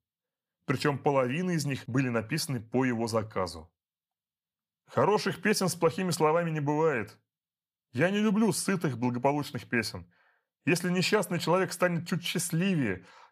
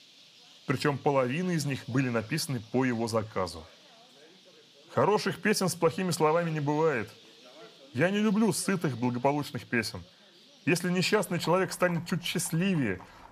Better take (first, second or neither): first